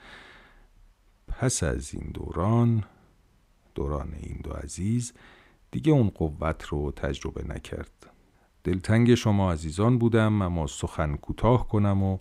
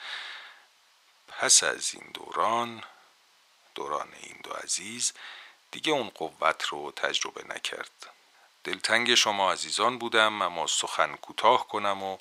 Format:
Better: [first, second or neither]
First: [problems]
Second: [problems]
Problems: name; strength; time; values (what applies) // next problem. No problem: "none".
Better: first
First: none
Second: thin; very; fading below 850 Hz